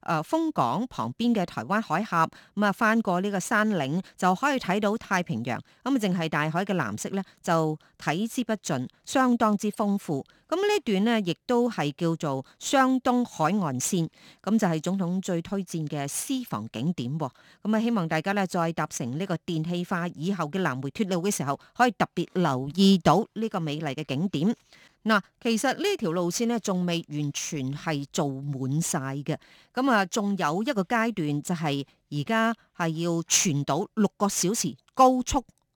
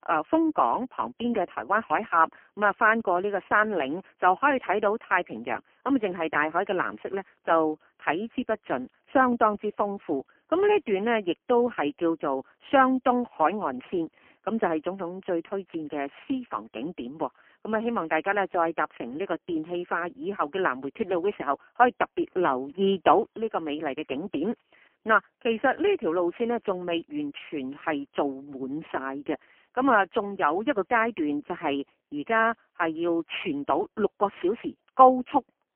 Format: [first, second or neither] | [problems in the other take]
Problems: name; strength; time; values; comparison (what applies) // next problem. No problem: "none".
first | phone-call audio; poor line; nothing above 3 kHz